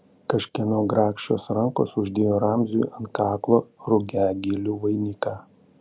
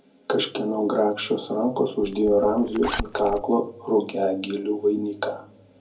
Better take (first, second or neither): first